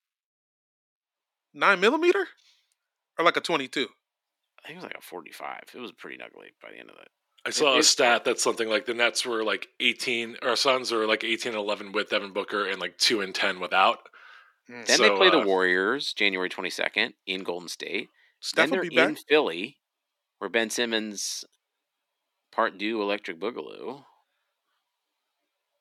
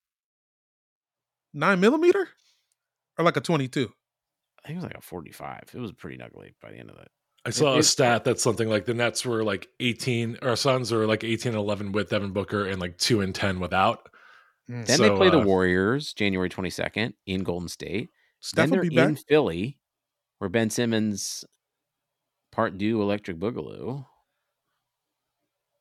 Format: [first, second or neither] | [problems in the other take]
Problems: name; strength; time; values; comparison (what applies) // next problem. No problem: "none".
second | thin; somewhat; fading below 300 Hz